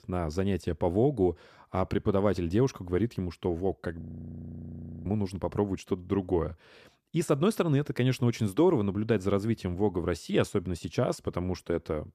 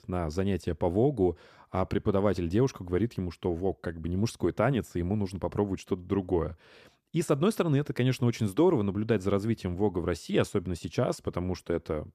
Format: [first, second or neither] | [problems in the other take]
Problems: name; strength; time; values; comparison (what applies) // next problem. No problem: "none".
second | audio freezing; at 4 s for 1 s